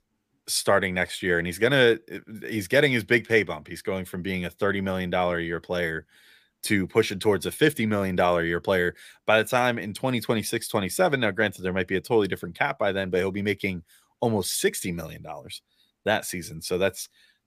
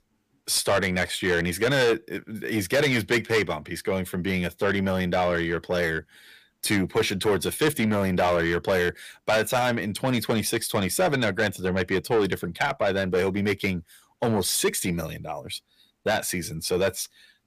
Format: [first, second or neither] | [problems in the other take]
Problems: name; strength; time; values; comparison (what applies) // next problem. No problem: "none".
first | distortion; heavy; 8 dB below the speech